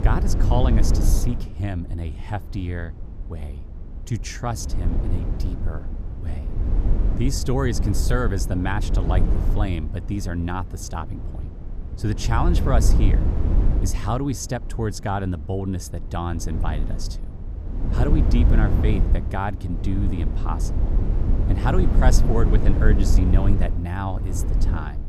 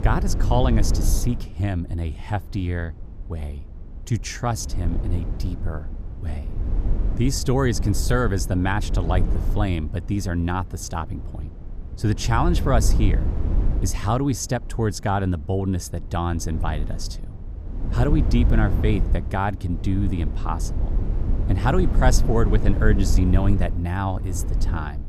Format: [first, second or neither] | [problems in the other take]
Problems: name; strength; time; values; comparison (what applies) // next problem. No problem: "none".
second | wind noise on the microphone; heavy; 6 dB below the speech; occasional gusts in the second